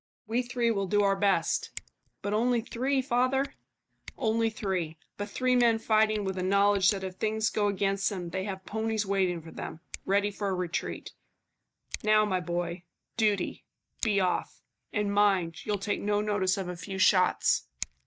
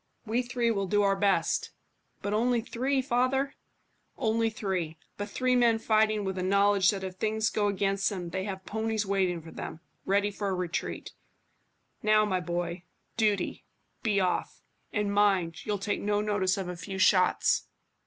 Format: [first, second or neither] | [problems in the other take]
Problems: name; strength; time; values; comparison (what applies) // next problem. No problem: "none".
second | noise reduction (neural mask model DeepFilterNet 3)